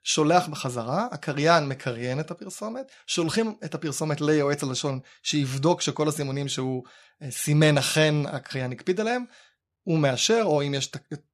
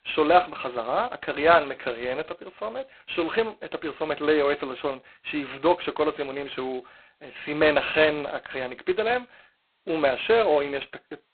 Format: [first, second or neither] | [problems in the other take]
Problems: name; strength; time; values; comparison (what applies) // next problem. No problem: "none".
first | phone-call audio; poor line; nothing above 4 kHz